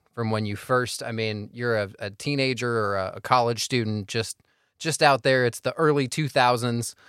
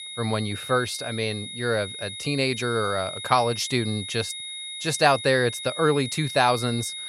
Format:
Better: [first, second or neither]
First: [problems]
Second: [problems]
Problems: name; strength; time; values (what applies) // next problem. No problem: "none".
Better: first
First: none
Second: high-pitched whine; loud; throughout; 3.5 kHz, 8 dB below the speech